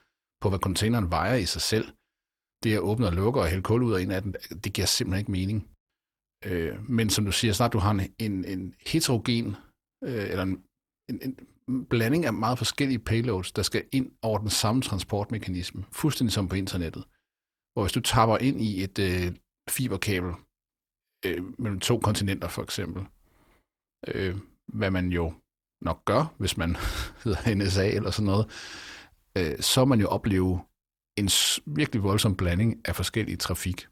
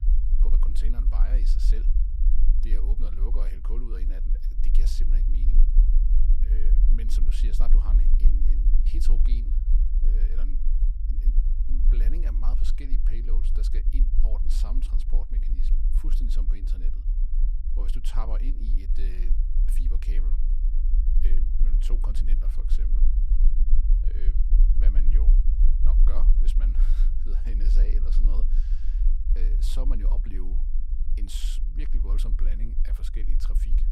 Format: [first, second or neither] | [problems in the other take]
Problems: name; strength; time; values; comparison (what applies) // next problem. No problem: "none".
first | low rumble; loud; throughout; 4 dB below the speech